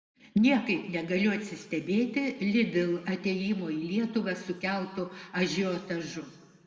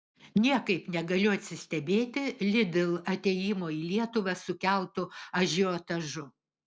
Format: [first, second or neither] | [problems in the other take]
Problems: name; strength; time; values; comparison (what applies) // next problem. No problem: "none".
second | room echo; dies away in 1.3 s